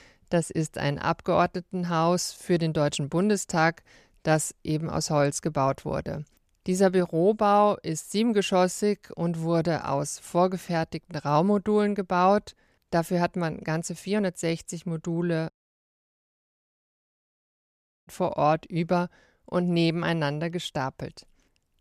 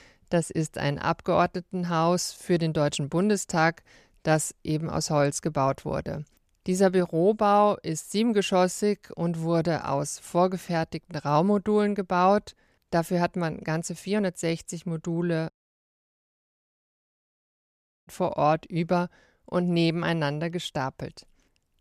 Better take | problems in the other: neither | audio cutting out; at 16 s for 2.5 s; the same in both

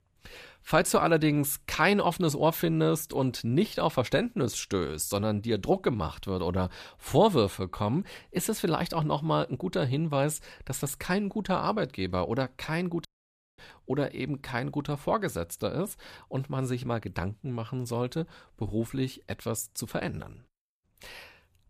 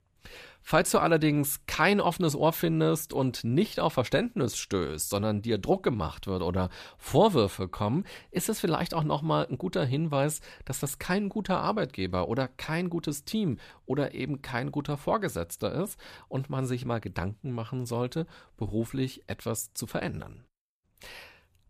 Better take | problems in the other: second | audio cutting out; at 13 s for 0.5 s

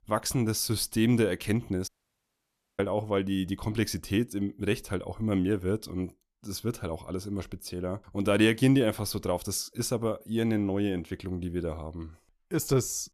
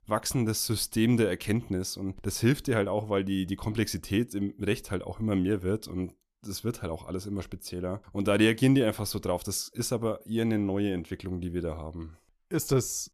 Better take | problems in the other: second | audio cutting out; at 2 s for 1 s

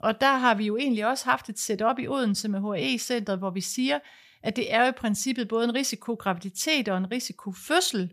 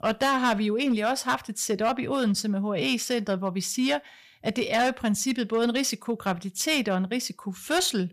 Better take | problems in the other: first | distortion; slight; 5% of the sound clipped

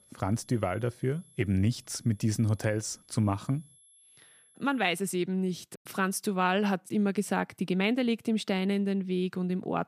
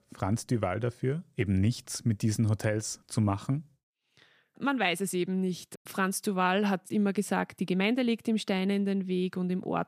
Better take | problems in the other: second | high-pitched whine; faint; until 5 s; 11 kHz, 30 dB below the speech

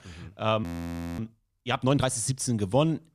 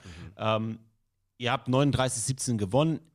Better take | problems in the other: second | audio freezing; at 0.5 s for 0.5 s

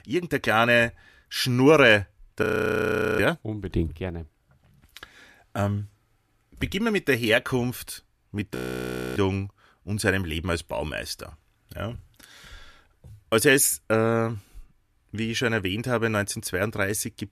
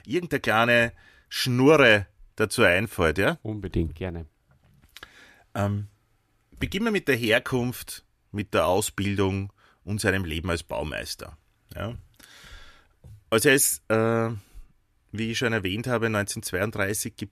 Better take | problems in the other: second | audio freezing; at 2.5 s for 1 s and at 8.5 s for 0.5 s

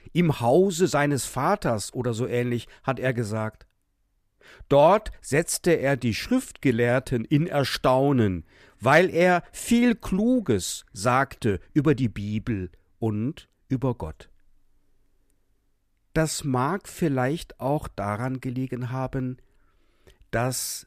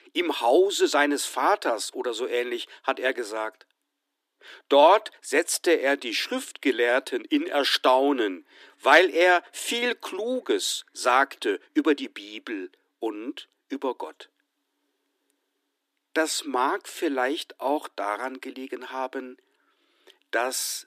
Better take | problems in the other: first | thin; somewhat; fading below 300 Hz

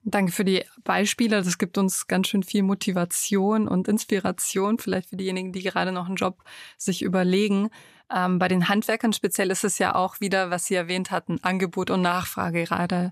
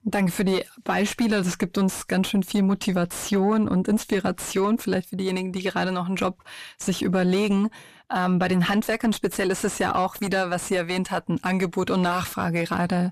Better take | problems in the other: first | distortion; slight; 10 dB below the speech

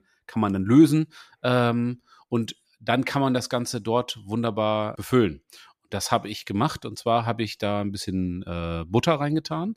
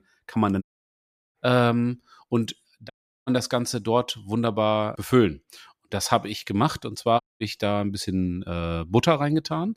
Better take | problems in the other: first | audio cutting out; at 0.5 s for 0.5 s, at 3 s and at 7 s

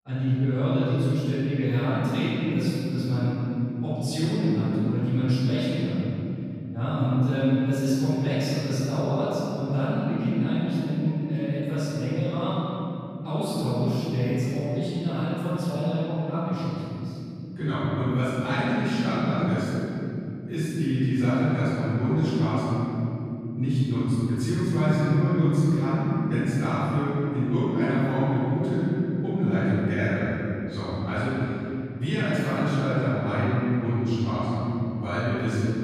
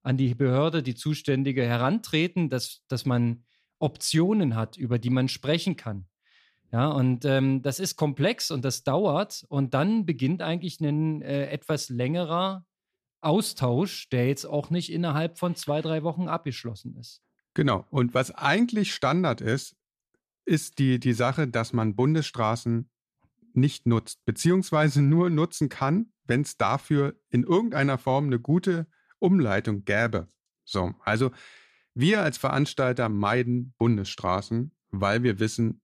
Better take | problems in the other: second | room echo; strong; dies away in 3 s // off-mic speech; far

